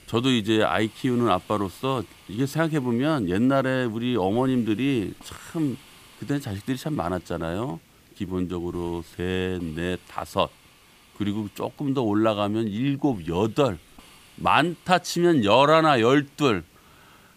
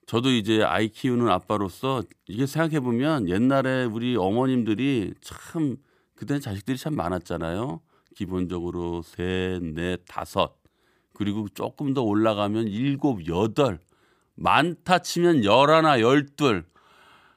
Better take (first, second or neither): second